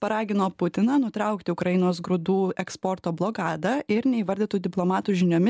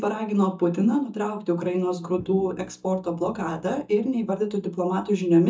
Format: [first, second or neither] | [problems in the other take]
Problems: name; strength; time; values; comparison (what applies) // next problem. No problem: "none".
first | noise reduction (neural mask model DeepFilterNet 3)